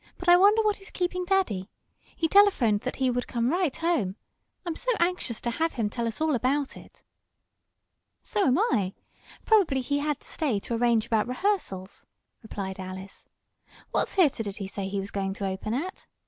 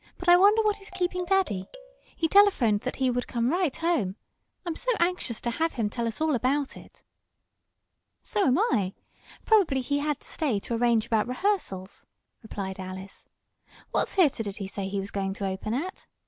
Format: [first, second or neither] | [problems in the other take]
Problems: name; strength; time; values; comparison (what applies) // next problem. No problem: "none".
first | background sound (Marimba, xylophone); 19 dB below the speech